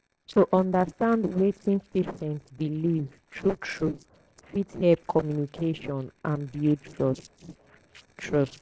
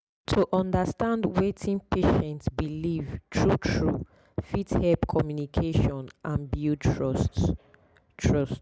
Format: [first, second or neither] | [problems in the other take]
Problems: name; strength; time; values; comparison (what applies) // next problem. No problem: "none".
second | noise reduction (neural separator model SepFormer DNS4)